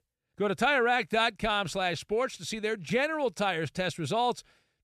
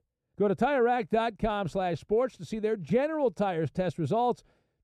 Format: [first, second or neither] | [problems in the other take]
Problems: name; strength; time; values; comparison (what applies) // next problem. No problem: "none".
first | muffled; slightly; fading above 1 kHz